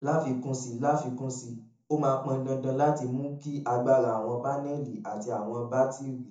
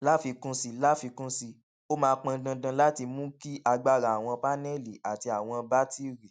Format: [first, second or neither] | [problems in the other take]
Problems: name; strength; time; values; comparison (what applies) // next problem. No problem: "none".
second | room echo; dies away in 0.5 s